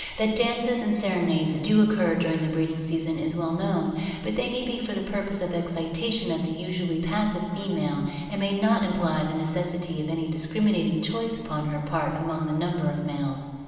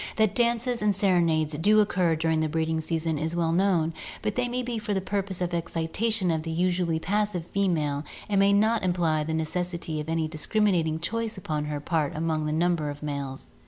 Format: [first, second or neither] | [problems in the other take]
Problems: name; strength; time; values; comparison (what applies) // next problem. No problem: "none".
second | room echo; dies away in 1.6 s